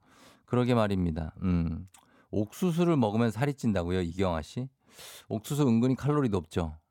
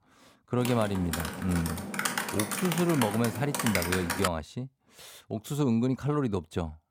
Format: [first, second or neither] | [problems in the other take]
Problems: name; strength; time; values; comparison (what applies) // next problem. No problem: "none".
first | keyboard typing; loud; from 0.5 to 4.5 s; peak 1 dB above the speech